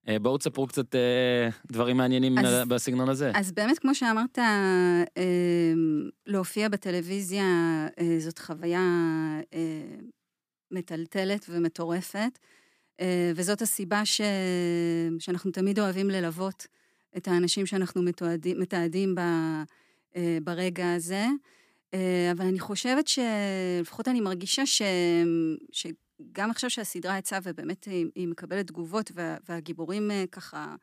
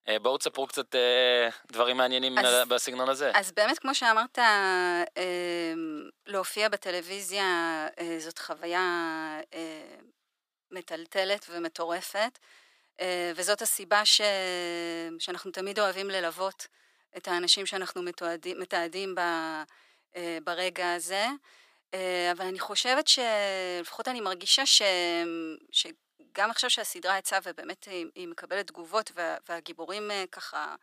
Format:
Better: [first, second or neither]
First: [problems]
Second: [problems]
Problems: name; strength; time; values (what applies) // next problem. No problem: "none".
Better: first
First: none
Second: thin; very; fading below 650 Hz